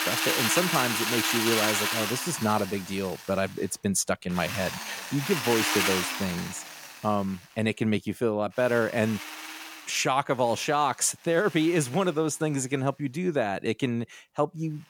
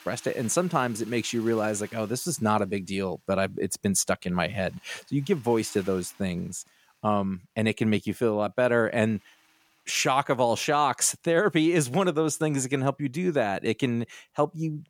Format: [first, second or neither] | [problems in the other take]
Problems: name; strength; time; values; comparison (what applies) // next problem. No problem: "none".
second | machinery noise; loud; throughout; 1 dB below the speech; faint in the second